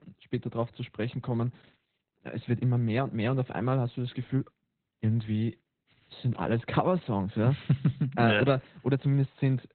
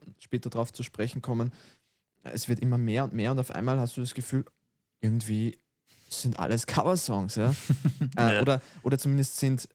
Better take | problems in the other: second | garbled, watery; badly; nothing above 4 kHz; slightly in the second

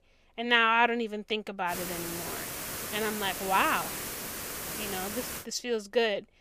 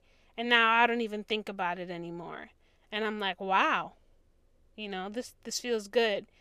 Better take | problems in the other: second | hiss; loud; from 1.5 to 5.5 s; 6 dB below the speech

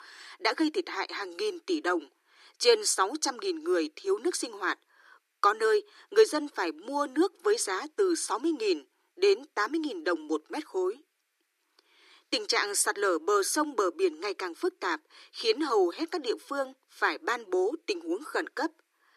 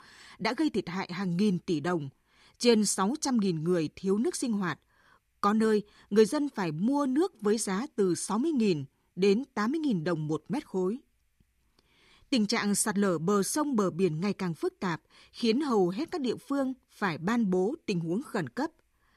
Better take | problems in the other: second | thin; very; fading below 300 Hz

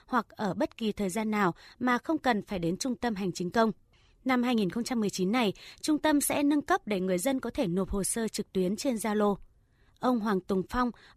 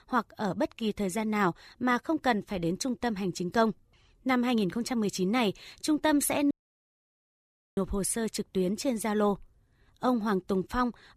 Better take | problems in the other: first | audio cutting out; at 6.5 s for 1.5 s

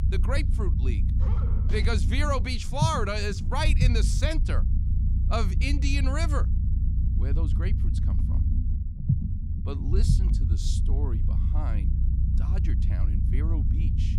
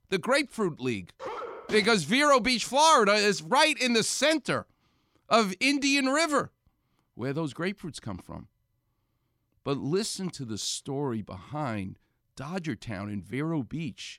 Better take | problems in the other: second | low rumble; loud; throughout; 9 dB below the speech

